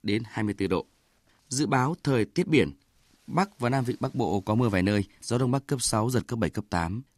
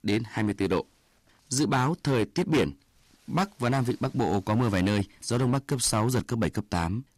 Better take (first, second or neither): first